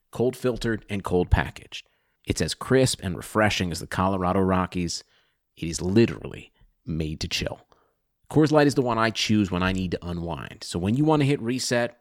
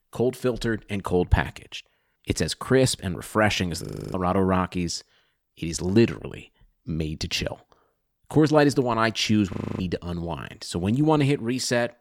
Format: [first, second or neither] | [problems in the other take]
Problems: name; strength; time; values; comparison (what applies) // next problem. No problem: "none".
first | audio freezing; at 4 s and at 9.5 s